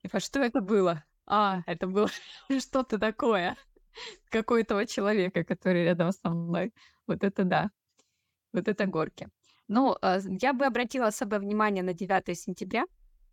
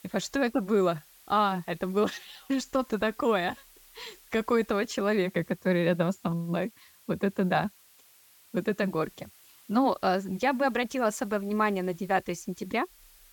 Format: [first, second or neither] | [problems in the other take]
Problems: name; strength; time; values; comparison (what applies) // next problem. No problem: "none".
first | hiss; faint; throughout; 25 dB below the speech